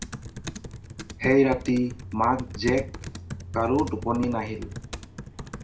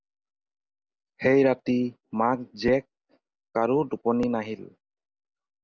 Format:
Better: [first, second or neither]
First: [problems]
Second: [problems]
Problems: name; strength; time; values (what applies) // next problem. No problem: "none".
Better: second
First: background sound (Computer keyboard); 10 dB below the speech // room echo; dies away in 0.3 s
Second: none